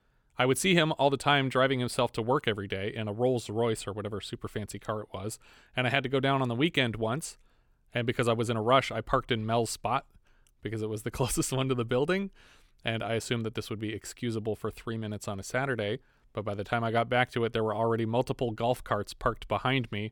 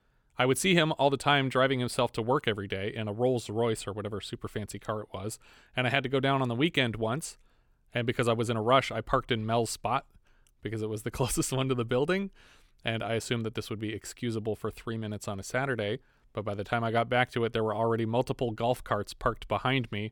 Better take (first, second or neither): neither